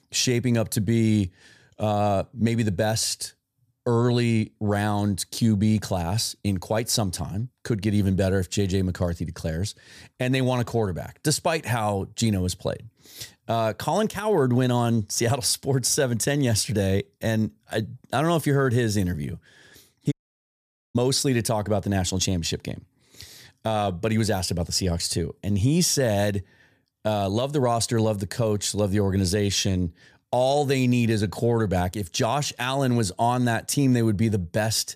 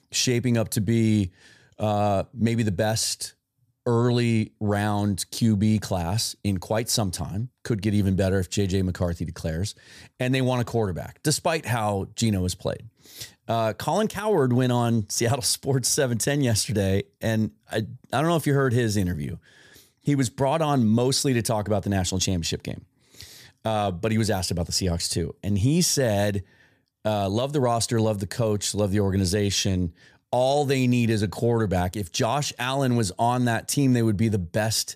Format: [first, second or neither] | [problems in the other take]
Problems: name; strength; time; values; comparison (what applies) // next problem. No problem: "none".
second | audio cutting out; at 20 s for 1 s